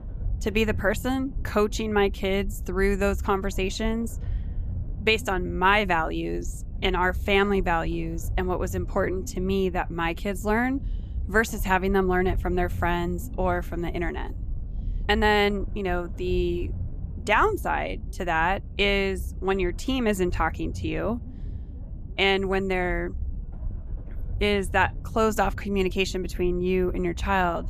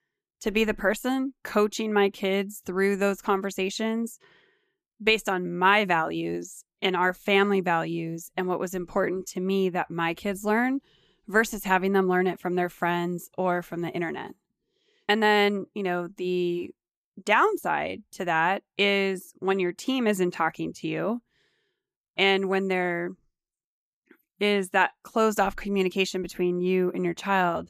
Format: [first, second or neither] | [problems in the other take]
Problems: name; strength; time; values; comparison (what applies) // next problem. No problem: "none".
second | low rumble; faint; throughout; 25 dB below the speech